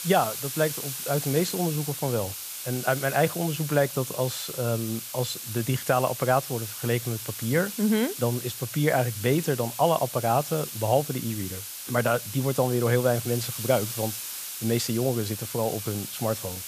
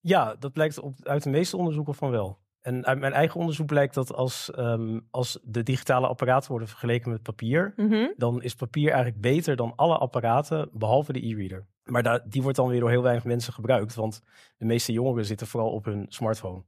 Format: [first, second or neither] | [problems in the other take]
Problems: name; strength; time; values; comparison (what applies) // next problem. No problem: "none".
second | hiss; loud; throughout; 7 dB below the speech